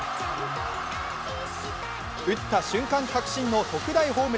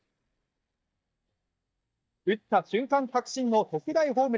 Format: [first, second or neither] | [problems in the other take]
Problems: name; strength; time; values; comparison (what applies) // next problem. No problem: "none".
first | noise reduction (neural mask model DeepFilterNet 3)